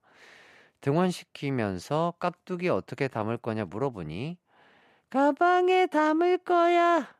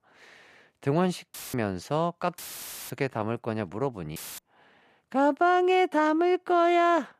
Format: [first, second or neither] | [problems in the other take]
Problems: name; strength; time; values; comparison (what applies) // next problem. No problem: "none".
first | audio cutting out; filled with static; at 1.5 s, at 2.5 s for 0.5 s and at 4 s